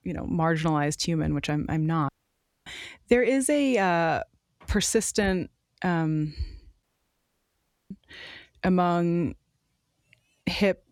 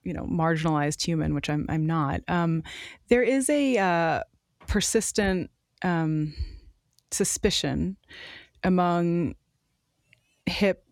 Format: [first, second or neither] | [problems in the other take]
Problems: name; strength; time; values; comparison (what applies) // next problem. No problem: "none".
second | audio cutting out; at 2 s for 0.5 s and at 7 s for 1 s